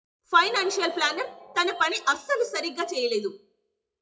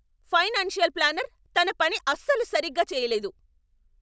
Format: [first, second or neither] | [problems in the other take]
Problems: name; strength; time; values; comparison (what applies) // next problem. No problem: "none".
second | noise reduction (classical method WPE with log-MMSE)